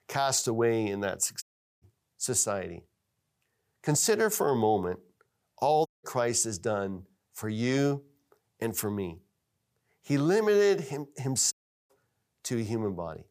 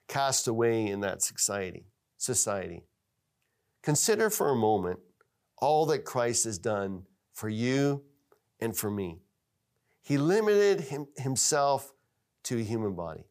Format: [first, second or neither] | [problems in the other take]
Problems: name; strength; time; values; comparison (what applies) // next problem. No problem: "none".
second | audio cutting out; at 1.5 s, at 6 s and at 12 s